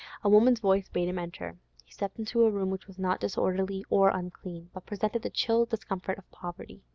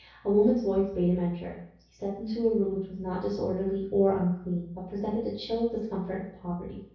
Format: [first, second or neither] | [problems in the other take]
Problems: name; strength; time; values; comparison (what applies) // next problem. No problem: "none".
first | room echo; dies away in 0.6 s